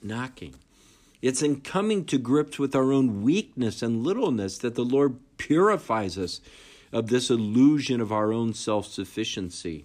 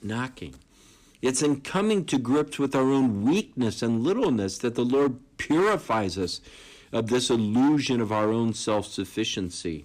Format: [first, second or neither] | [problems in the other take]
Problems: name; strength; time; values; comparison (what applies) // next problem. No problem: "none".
first | distortion; slight; 8% of the sound clipped